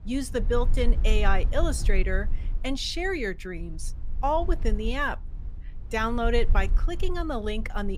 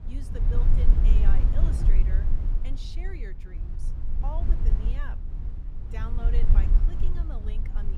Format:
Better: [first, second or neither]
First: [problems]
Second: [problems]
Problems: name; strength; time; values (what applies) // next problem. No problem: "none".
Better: first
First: low rumble; faint; throughout; 20 dB below the speech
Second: low rumble; loud; throughout; 1 dB below the speech